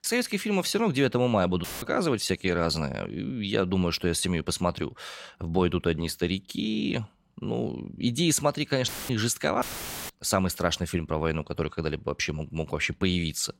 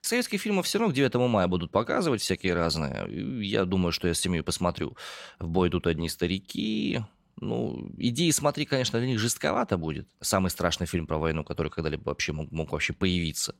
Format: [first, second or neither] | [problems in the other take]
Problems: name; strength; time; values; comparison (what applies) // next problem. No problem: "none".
second | audio cutting out; filled with static; at 1.5 s, at 9 s and at 9.5 s